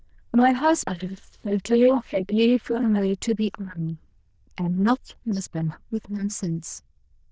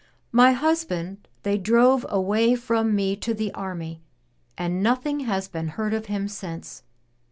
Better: second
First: noise reduction (neural diffusion model UNIVERSE++)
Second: none

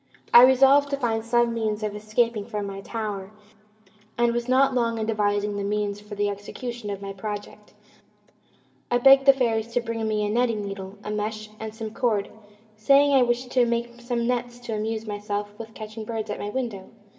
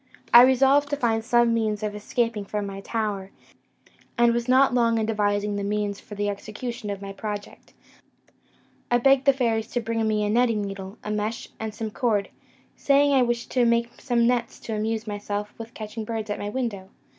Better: second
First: room echo; dies away in 2.4 s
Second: none

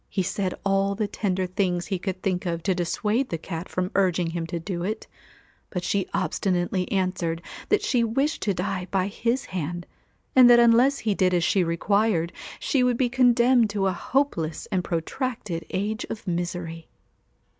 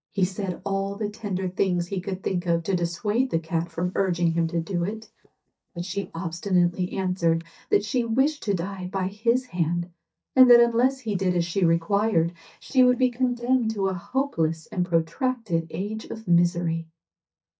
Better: first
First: none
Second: noise reduction (neural mask model DeepFilterNet 3)

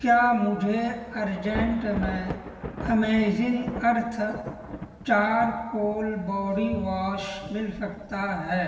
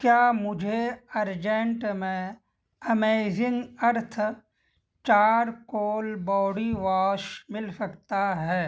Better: second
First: background sound (Thunder / Rain); 12 dB below the speech // room echo; dies away in 1.3 s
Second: none

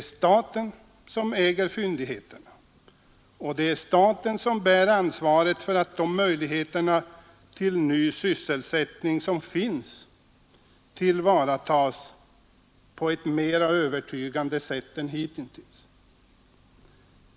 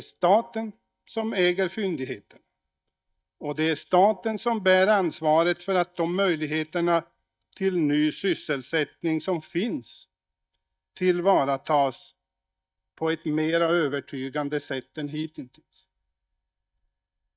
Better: first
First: none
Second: noise reduction (neural mask model DeepFilterNet 3)

